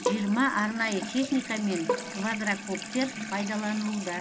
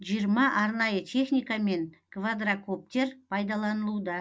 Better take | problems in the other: second | background sound (Bowed string instrument + Sink (filling or washing) / Water tap, faucet); 6 dB below the speech

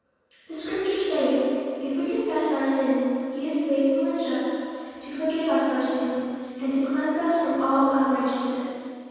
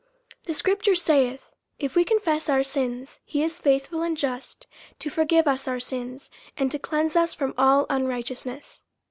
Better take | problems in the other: second | room echo; dies away in 2.1 s

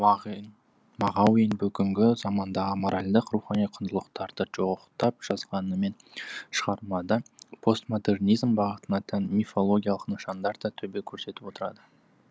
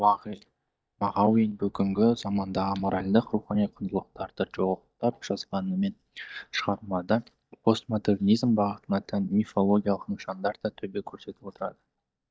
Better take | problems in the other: first | noise reduction (neural mask model DeepFilterNet 3)

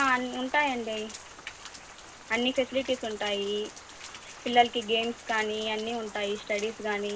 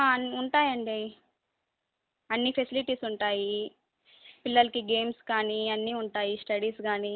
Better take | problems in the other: second | background sound (Rain); 15 dB below the speech // room echo; dies away in 0.2 s

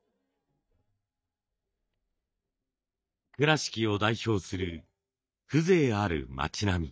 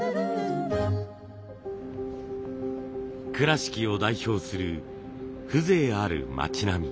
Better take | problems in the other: second | noise reduction (neural mask model DeepFilterNet 3)

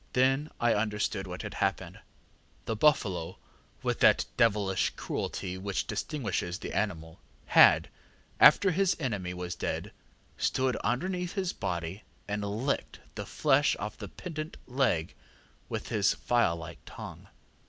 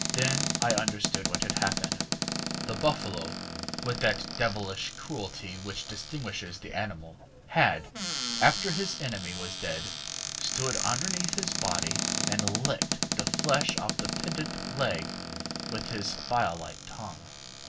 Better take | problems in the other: first | background sound (Cupboard open or close); as loud as the speech // room echo; dies away in 0.2 s

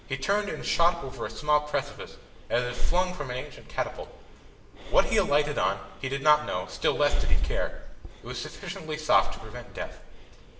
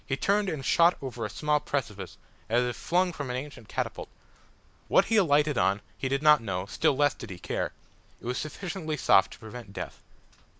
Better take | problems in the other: second | background sound (Breathing); as loud as the speech // room echo; dies away in 0.8 s

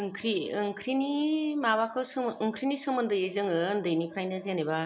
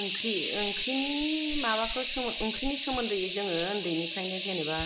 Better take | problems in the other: first | background sound (Hiss); 2 dB below the speech

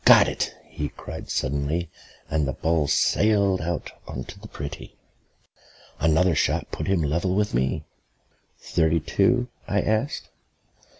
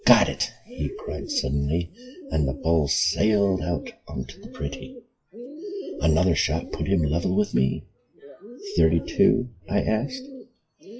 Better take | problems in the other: first | noise reduction (classical method WPE with log-MMSE)

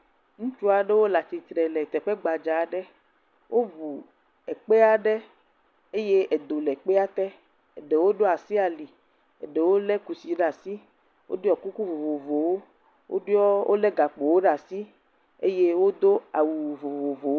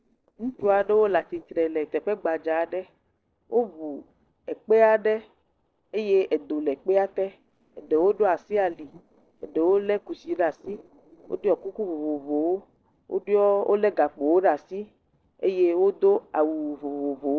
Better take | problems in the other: first | noise reduction (neural separator model SepFormer DNS4)

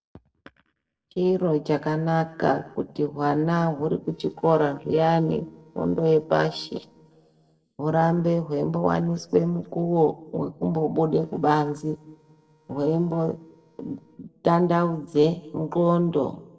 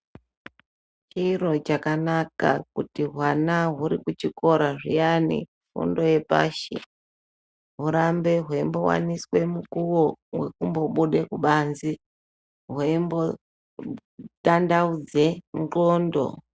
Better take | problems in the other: second | noise reduction (neural separator model SepFormer DNS4)

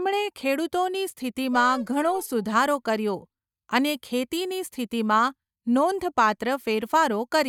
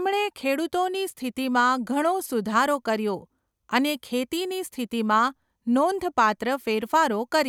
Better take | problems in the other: second | noise reduction (neural mask model DeepFilterNet 3)

